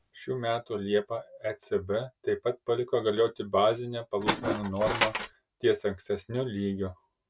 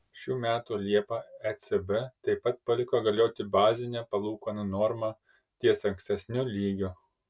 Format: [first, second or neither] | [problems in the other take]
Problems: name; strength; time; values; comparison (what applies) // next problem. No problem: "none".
second | background sound (Tools); 1 dB below the speech